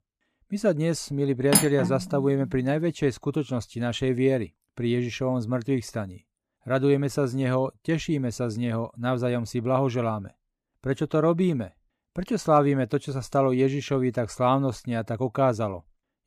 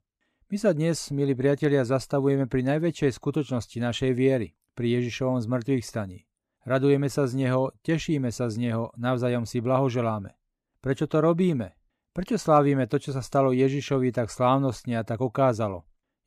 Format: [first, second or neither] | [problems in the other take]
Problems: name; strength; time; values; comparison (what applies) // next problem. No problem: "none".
second | clattering dishes; loud; at 1.5 s; peak 4 dB above the speech